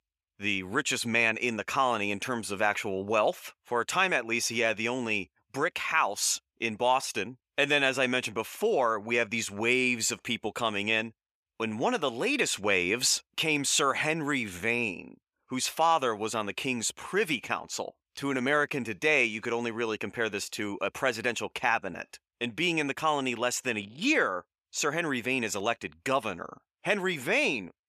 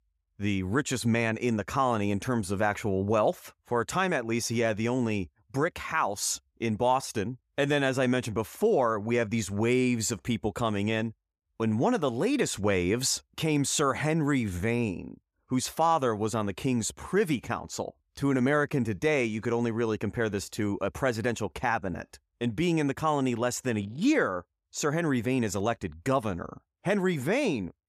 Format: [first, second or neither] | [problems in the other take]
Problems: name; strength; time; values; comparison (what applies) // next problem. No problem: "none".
second | thin; very slightly; fading below 500 Hz